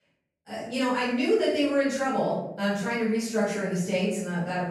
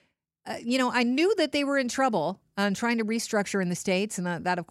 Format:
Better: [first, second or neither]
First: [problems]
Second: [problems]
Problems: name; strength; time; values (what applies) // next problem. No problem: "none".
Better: second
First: room echo; noticeable; dies away in 0.8 s // off-mic speech; far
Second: none